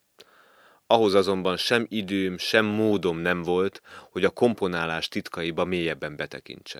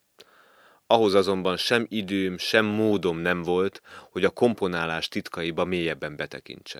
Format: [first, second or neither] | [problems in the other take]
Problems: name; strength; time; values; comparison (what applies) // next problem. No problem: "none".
neither | none